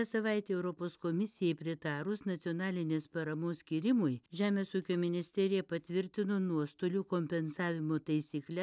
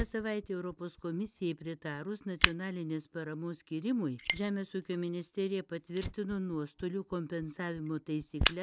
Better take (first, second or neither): first